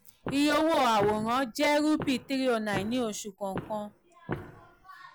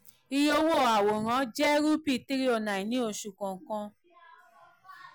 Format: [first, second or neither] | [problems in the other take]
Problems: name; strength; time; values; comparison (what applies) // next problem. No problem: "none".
second | background sound (Walk, footsteps); 12 dB below the speech